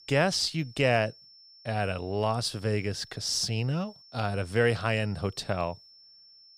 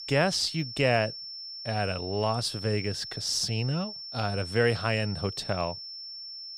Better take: first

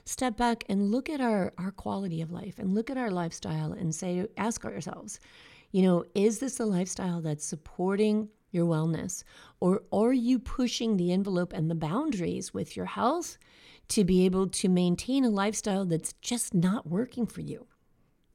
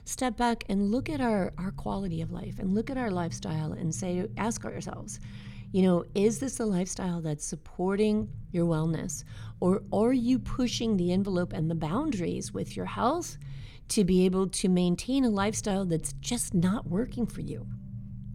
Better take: first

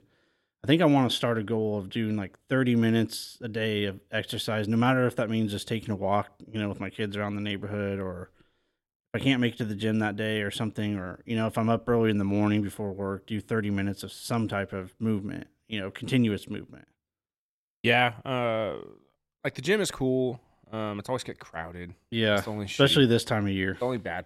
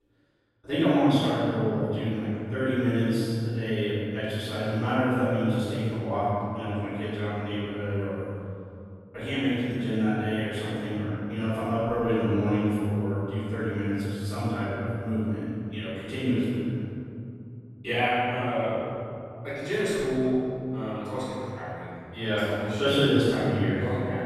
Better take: first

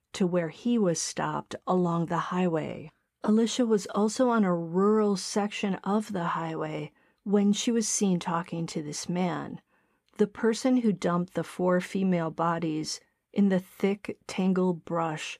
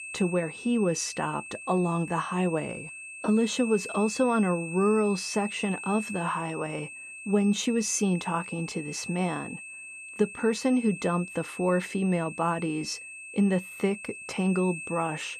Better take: first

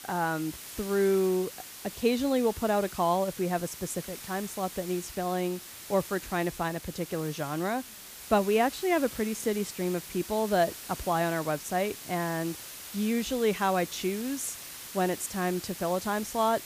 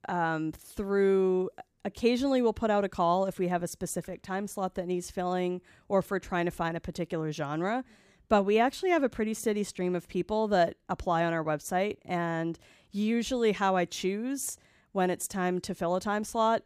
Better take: second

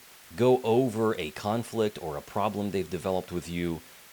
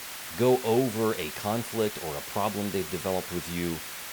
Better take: first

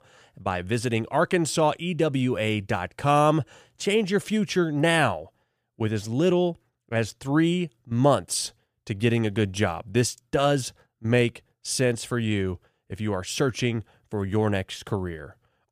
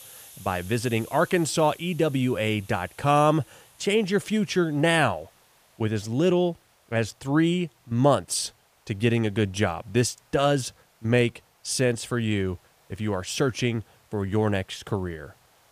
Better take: first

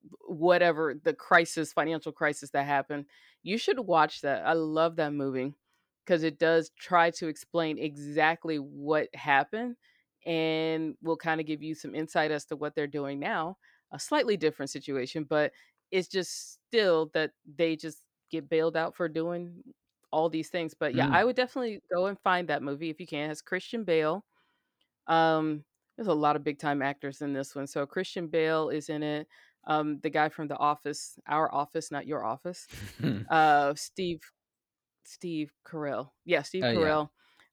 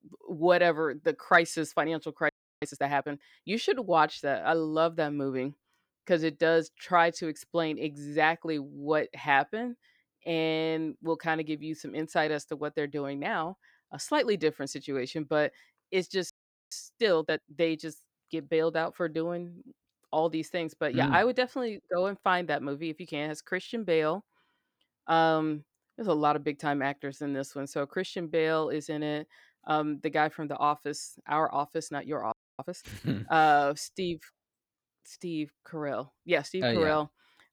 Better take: first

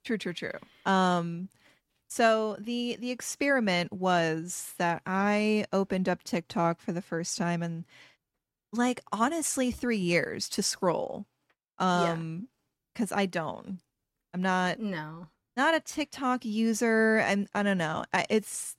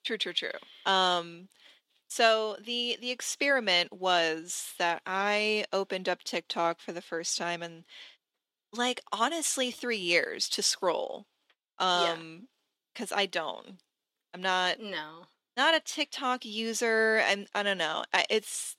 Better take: first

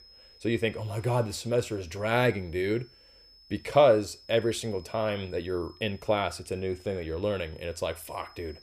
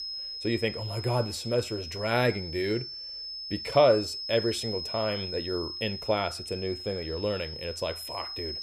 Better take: first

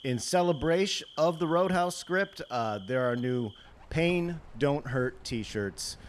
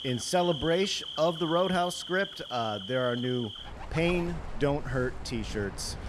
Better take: first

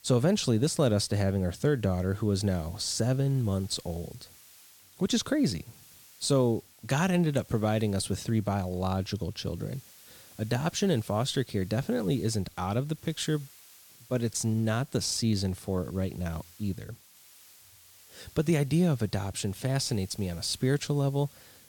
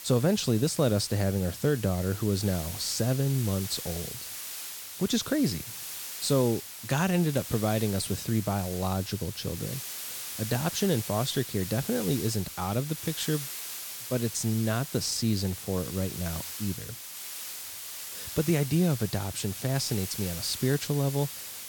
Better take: first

